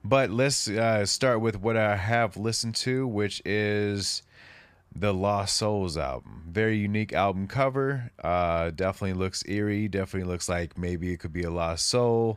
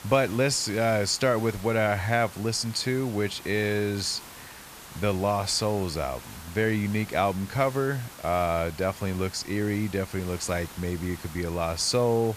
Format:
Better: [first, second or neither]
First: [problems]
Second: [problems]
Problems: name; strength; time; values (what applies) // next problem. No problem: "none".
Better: first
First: none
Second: hiss; noticeable; throughout; 15 dB below the speech